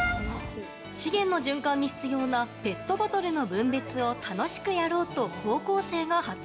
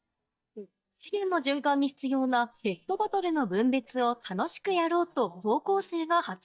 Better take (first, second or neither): first